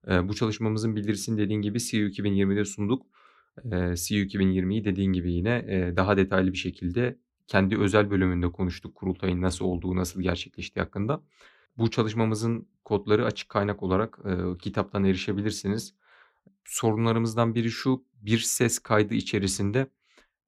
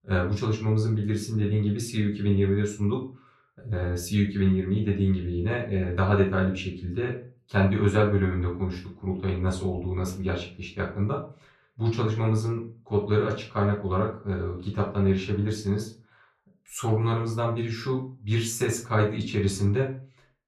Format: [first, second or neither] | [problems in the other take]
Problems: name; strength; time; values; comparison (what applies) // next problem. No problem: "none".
first | off-mic speech; far // room echo; slight; dies away in 0.3 s